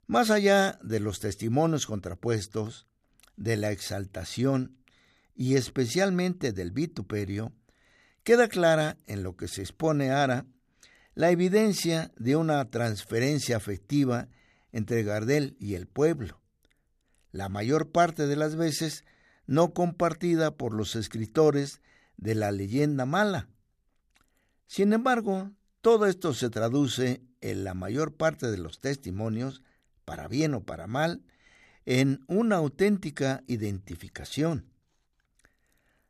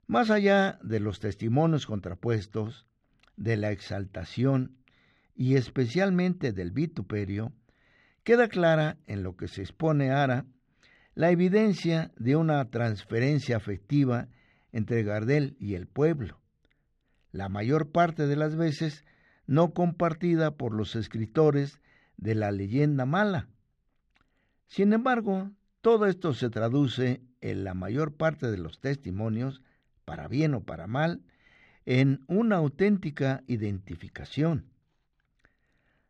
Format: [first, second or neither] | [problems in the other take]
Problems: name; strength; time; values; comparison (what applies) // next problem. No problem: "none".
first | muffled; slightly; fading above 3 kHz